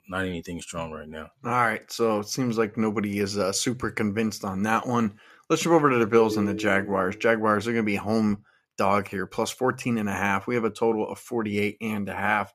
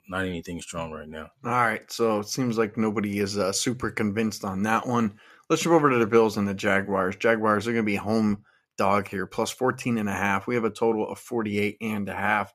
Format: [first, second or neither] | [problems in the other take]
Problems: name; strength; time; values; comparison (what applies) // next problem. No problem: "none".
second | phone ringing; noticeable; from 6 to 7 s; peak 5 dB below the speech